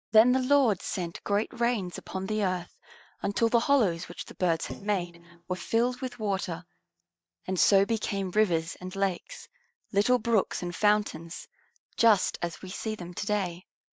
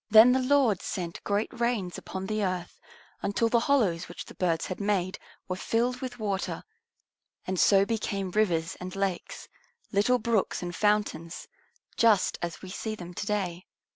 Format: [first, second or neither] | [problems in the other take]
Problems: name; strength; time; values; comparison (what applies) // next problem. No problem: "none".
second | noise reduction (neural mask model DeepFilterNet 3)